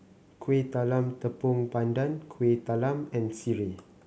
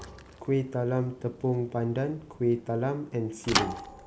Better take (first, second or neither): first